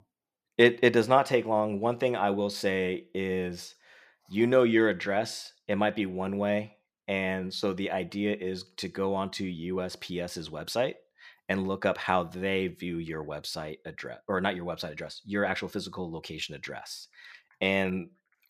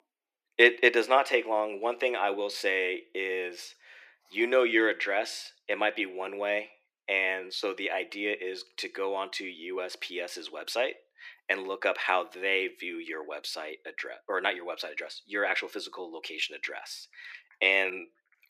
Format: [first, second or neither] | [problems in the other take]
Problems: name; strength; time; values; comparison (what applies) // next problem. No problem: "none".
first | thin; somewhat; fading below 300 Hz